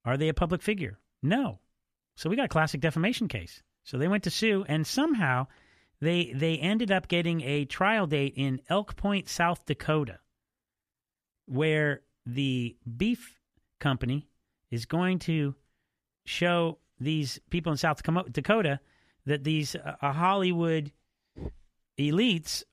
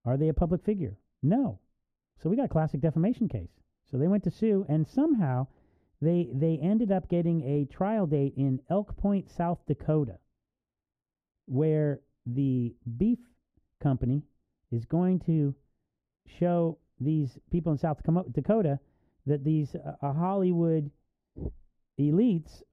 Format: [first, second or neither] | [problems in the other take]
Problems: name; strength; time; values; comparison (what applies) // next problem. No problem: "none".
first | muffled; very; fading above 1 kHz